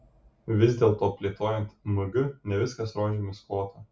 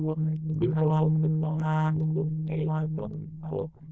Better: first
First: none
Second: noise reduction (neural diffusion model UNIVERSE++)

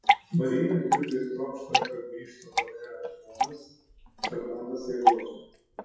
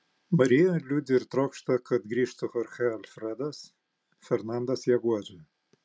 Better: second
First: noise reduction (classical method WPE with log-MMSE)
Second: none

